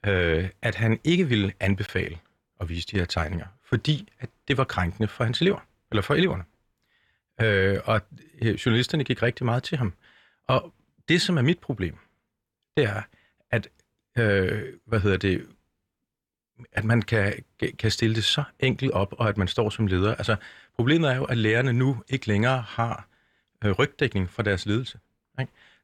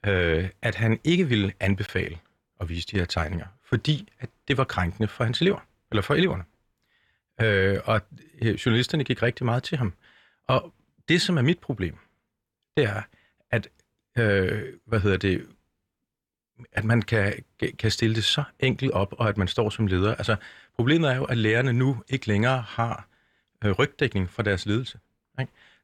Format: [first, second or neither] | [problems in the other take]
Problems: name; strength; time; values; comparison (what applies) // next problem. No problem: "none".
neither | none